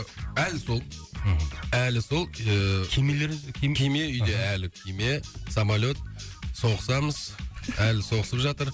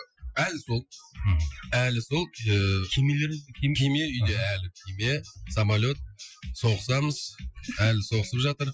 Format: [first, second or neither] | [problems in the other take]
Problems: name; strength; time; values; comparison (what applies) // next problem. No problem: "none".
first | noise reduction (classical method Wiener filter)